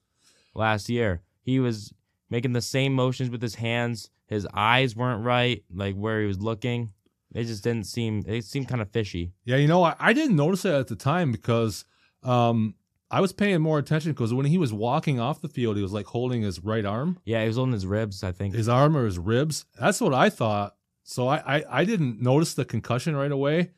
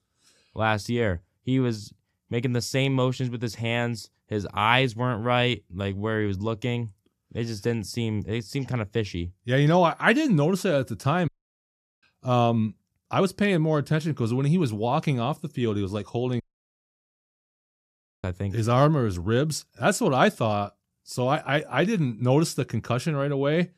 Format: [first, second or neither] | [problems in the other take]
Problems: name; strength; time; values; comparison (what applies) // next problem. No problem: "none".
first | audio cutting out; at 11 s for 0.5 s and at 16 s for 2 s